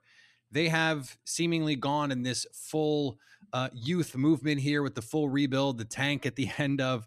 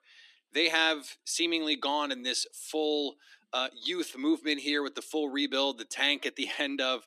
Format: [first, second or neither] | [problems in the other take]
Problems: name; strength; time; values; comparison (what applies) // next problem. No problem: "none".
first | thin; very slightly; fading below 300 Hz